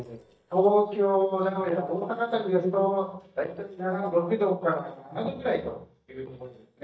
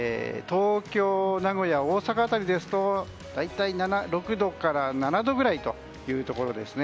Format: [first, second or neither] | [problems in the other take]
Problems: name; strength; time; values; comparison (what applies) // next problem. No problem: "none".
second | noise reduction (neural mask model DeepFilterNet 3)